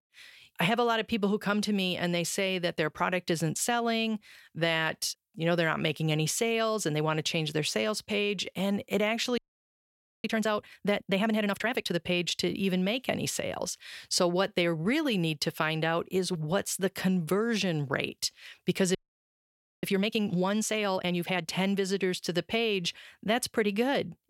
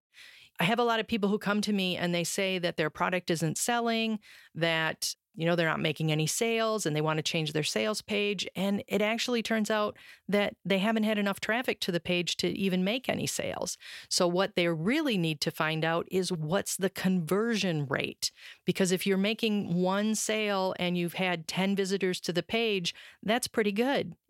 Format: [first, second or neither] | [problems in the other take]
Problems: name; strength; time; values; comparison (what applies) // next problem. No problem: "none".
second | audio freezing; at 9.5 s for 1 s and at 19 s for 1 s